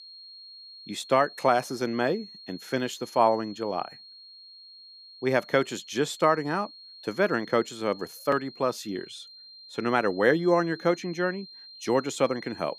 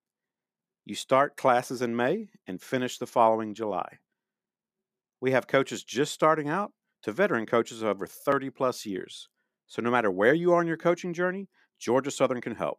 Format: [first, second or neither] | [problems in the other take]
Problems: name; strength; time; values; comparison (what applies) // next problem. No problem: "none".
second | high-pitched whine; noticeable; throughout; 4.5 kHz, 20 dB below the speech